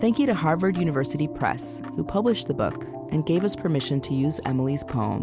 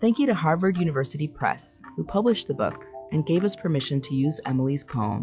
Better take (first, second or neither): first